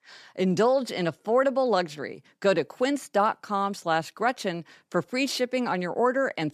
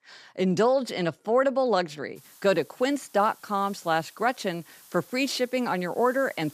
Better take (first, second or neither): first